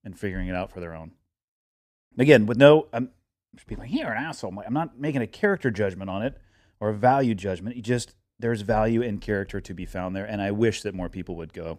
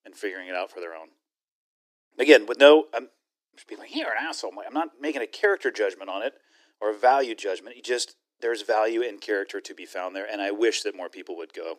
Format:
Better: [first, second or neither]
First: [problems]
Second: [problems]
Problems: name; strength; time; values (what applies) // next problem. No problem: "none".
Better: first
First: none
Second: thin; somewhat; fading below 300 Hz